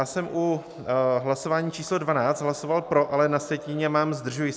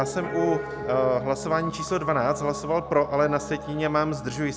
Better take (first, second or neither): first